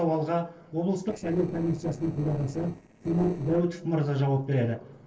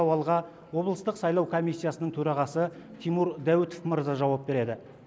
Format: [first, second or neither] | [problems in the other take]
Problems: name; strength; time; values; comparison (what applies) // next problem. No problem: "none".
second | noise reduction (neural separator model SepFormer DNS4)